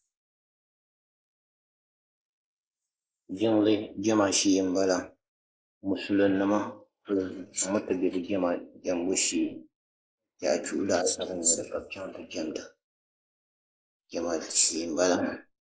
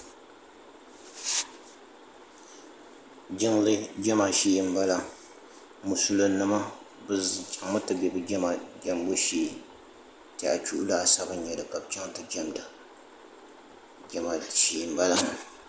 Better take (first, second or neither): second